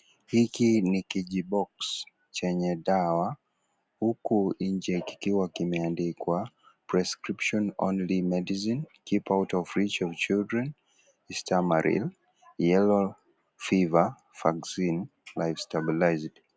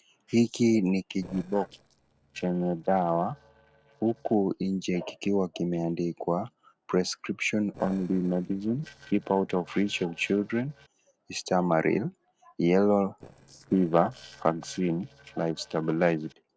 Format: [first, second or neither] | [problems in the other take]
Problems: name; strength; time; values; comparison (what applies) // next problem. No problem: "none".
first | noise reduction (neural separator model SepFormer DNS4)